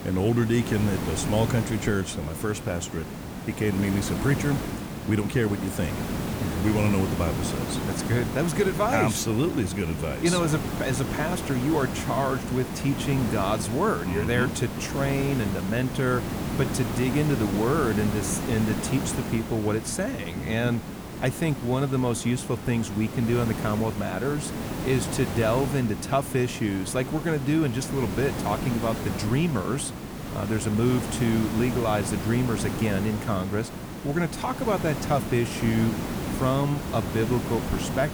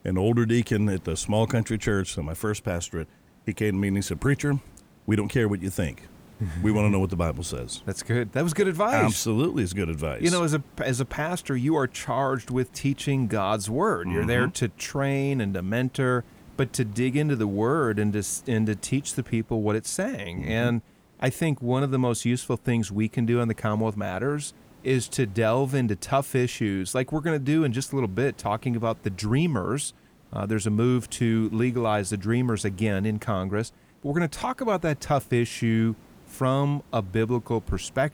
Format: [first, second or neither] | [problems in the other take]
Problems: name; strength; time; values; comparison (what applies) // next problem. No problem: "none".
second | hiss; loud; throughout; 5 dB below the speech; faint in the second